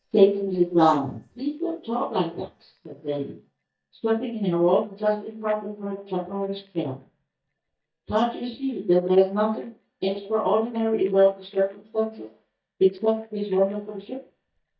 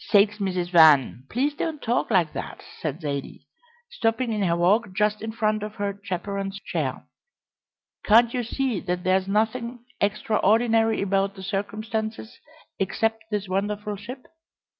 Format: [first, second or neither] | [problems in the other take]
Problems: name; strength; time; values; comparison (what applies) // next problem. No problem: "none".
second | noise reduction (neural mask model DeepFilterNet 3)